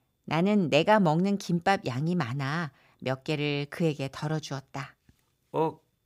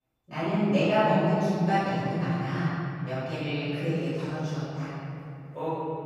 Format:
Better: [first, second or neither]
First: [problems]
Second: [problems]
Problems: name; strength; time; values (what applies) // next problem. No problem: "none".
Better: first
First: none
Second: off-mic speech; far // room echo; strong; dies away in 2.6 s